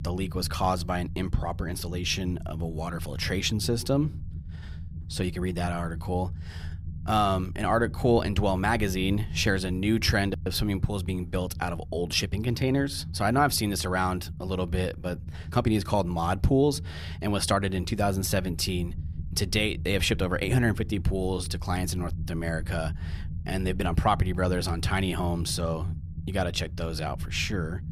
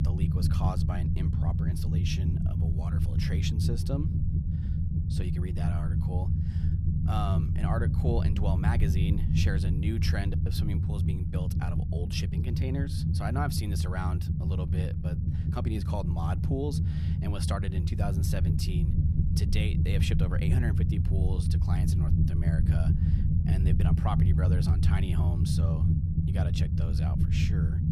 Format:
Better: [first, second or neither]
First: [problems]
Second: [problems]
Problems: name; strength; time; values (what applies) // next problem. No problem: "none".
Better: first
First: low rumble; faint; throughout; 20 dB below the speech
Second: low rumble; loud; throughout; 1 dB below the speech